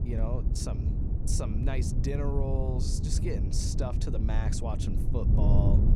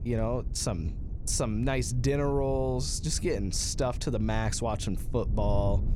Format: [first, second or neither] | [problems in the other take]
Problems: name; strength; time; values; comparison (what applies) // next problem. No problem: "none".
second | wind noise on the microphone; heavy; 4 dB below the speech; occasional gusts in the second